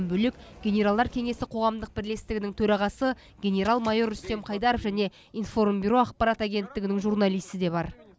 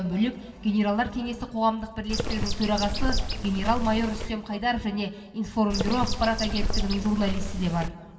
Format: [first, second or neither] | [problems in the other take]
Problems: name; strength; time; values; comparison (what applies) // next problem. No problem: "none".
first | background sound (Bird); 1 dB below the speech // room echo; dies away in 1.8 s